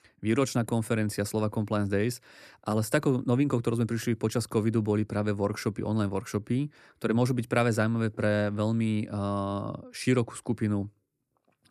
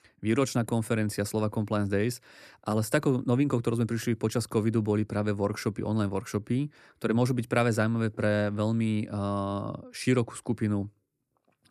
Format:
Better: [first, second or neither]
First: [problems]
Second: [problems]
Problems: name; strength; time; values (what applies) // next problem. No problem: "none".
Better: neither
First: none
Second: none